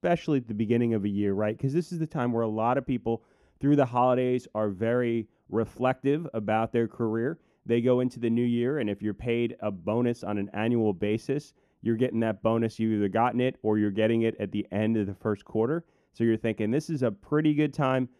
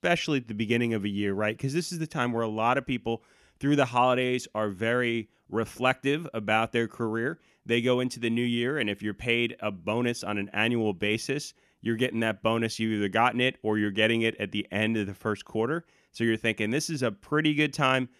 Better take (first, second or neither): second